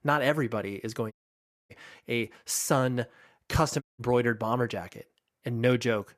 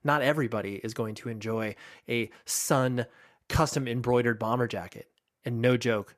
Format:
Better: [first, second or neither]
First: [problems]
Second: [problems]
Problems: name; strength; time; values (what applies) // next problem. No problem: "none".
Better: second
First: audio cutting out; at 1 s for 0.5 s and at 4 s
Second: none